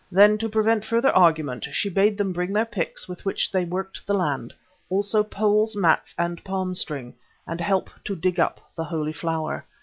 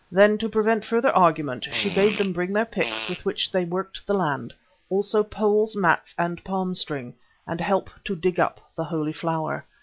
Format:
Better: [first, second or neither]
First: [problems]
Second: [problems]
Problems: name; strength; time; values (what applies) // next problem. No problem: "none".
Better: first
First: none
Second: background sound (Fart); 11 dB below the speech